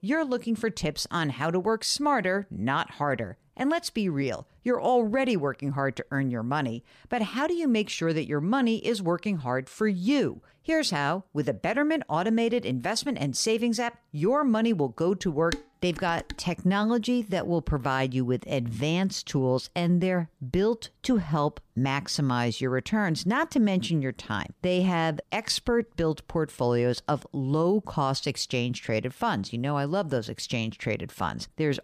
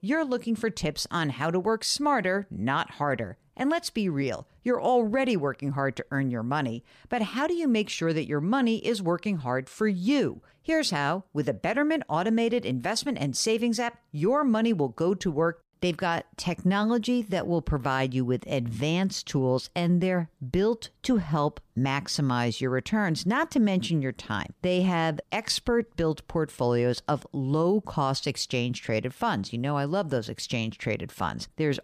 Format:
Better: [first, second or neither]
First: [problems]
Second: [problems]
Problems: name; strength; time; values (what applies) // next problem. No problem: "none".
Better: second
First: clattering dishes; noticeable; at 16 s; peak 9 dB below the speech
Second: none